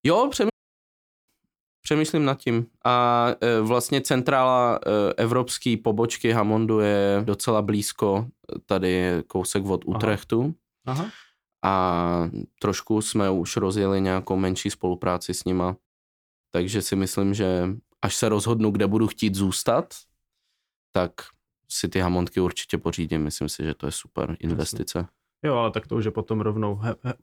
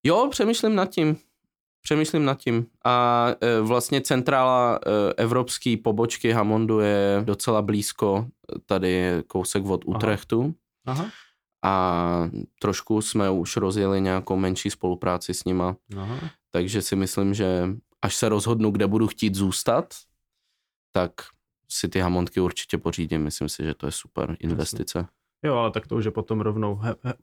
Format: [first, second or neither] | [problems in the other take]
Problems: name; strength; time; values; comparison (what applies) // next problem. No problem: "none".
second | audio cutting out; at 0.5 s for 1 s and at 16 s for 0.5 s